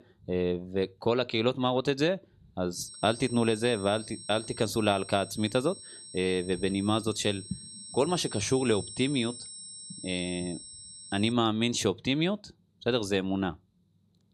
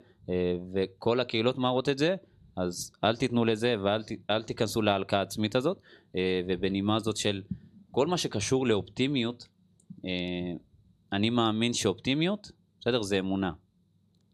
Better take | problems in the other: second | high-pitched whine; noticeable; from 3 to 11 s; 8.5 kHz, 15 dB below the speech

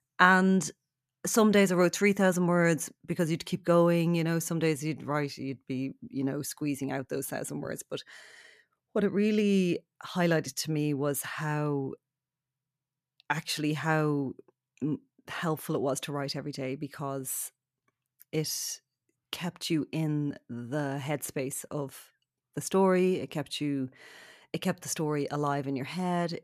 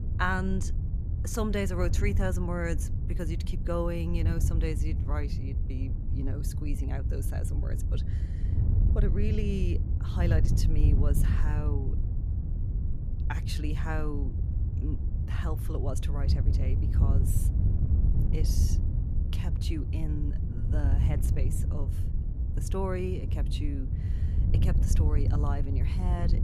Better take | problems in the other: first | wind noise on the microphone; heavy; 6 dB below the speech

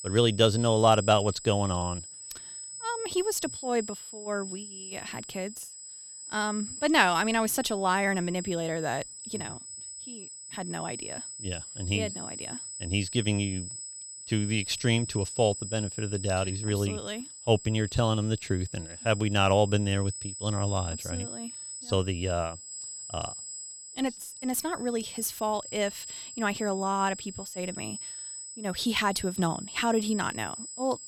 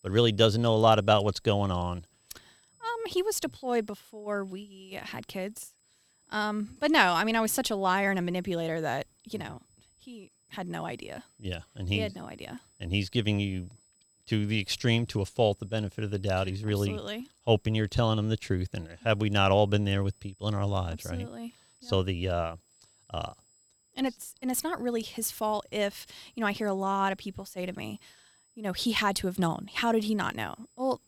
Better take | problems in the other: second | high-pitched whine; loud; throughout; 8 kHz, 10 dB below the speech; faint in the second

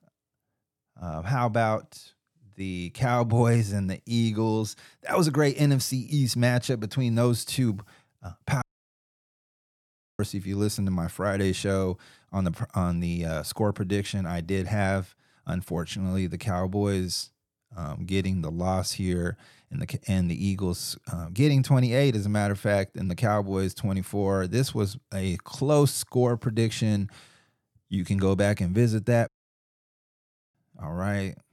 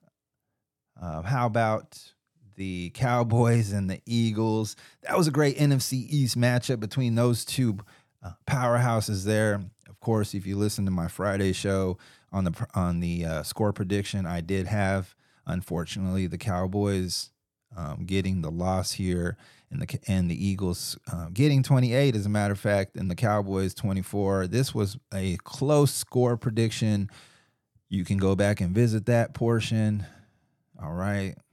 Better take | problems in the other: second | audio cutting out; at 8.5 s for 1.5 s and at 29 s for 1.5 s

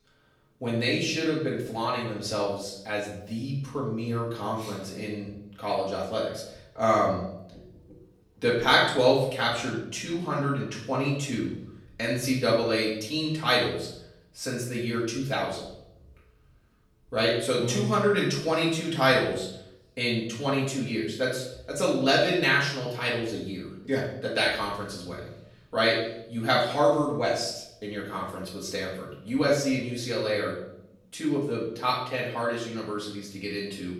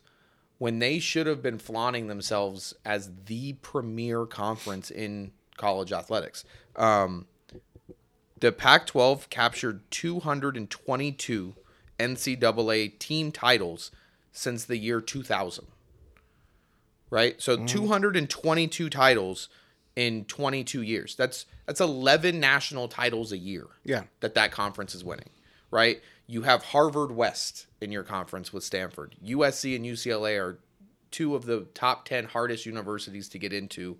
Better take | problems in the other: second | room echo; noticeable; dies away in 0.7 s // off-mic speech; far

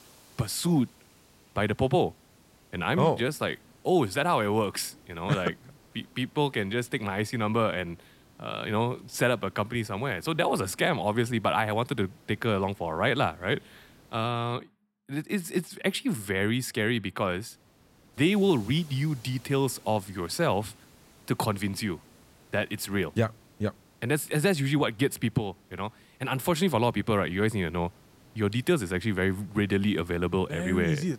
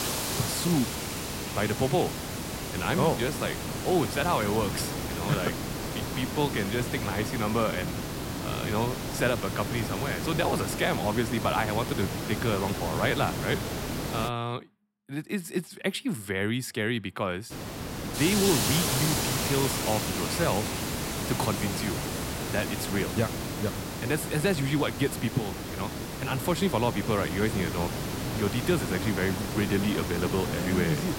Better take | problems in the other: first | hiss; loud; until 14 s and from 18 s on; 2 dB below the speech; faint in the first

